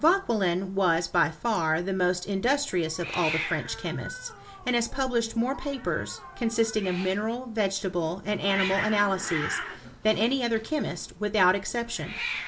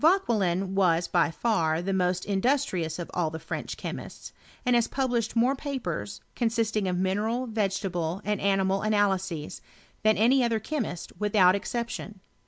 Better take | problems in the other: second | background sound (Hiss); 11 dB below the speech // room echo; dies away in 0.2 s

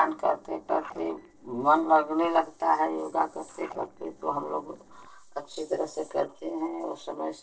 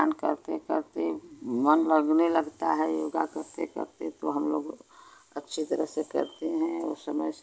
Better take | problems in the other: second | noise reduction (neural separator model SepFormer DNS4)

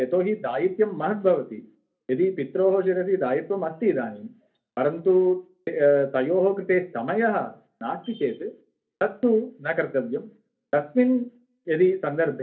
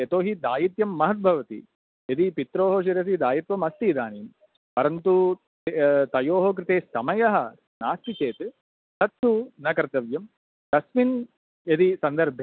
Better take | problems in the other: second | room echo; dies away in 0.3 s

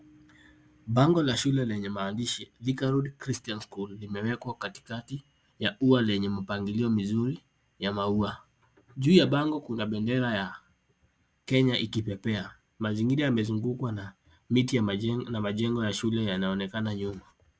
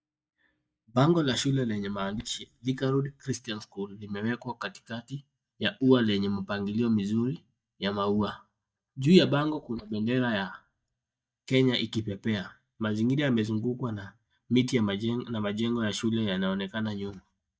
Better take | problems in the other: first | noise reduction (neural mask model DeepFilterNet 3)

